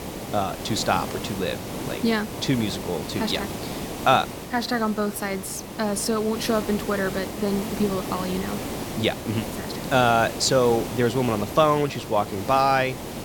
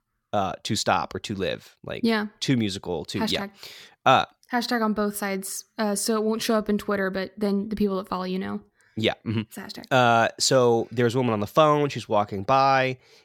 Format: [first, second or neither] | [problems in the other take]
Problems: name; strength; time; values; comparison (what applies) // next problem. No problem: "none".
second | hiss; loud; throughout; 8 dB below the speech